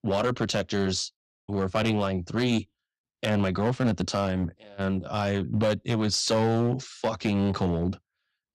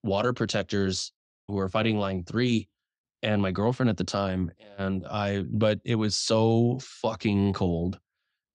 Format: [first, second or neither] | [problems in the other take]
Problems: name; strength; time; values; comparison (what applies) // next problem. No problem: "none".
second | distortion; slight; 7% of the sound clipped